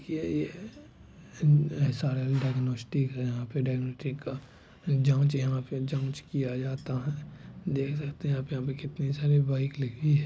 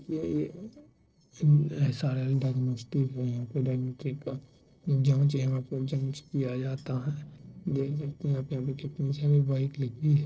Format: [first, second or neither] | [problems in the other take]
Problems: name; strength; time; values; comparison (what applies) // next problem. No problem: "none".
first | noise reduction (neural separator model SepFormer DNS4)